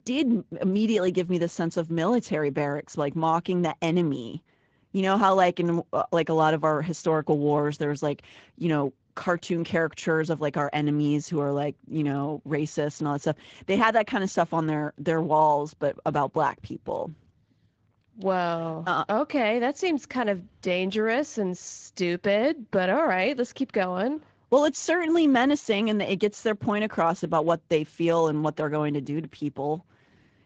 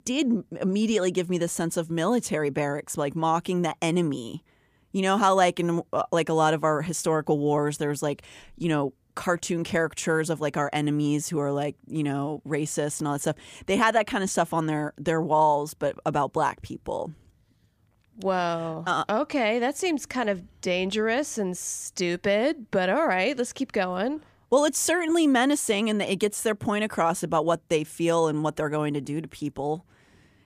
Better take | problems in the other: second | garbled, watery; slightly; nothing above 7.5 kHz

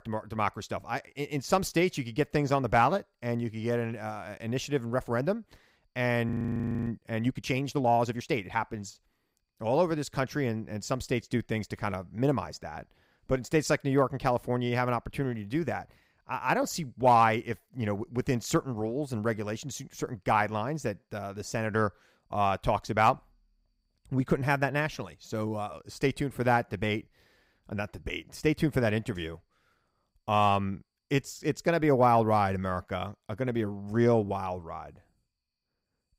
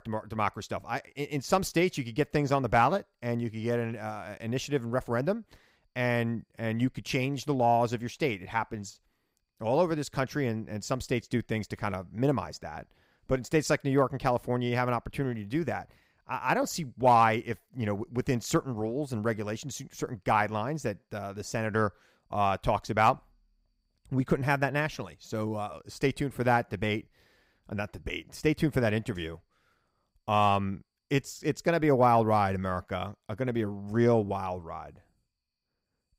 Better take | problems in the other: second | audio freezing; at 6.5 s for 0.5 s

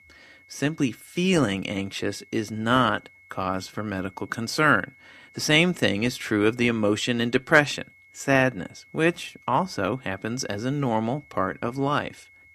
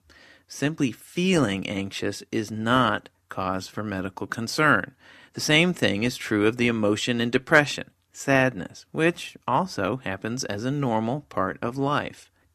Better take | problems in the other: second | high-pitched whine; faint; throughout; 2 kHz, 25 dB below the speech

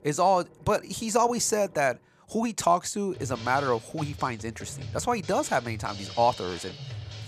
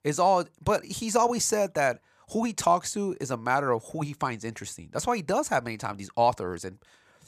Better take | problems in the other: second | background music; noticeable; throughout; 15 dB below the speech

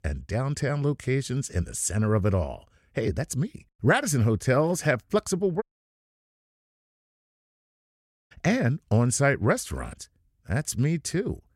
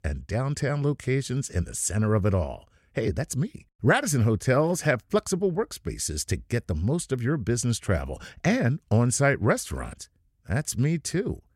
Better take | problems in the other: second | audio cutting out; at 5.5 s for 2.5 s

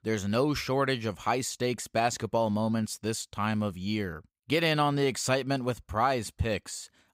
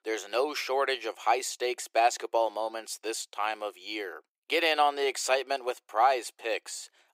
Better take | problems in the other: first | thin; very; fading below 350 Hz

